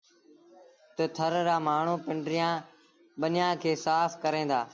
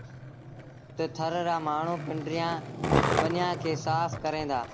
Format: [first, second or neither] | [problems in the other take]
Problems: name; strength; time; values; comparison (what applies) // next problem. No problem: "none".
first | background sound (Skateboard); 1 dB below the speech